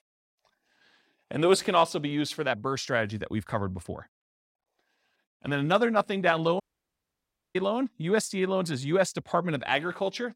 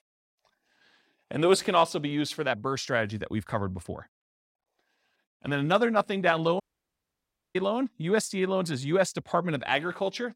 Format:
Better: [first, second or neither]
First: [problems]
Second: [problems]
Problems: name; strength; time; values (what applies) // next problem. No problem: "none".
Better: neither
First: audio cutting out; at 6.5 s for 1 s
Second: audio cutting out; at 6.5 s for 1 s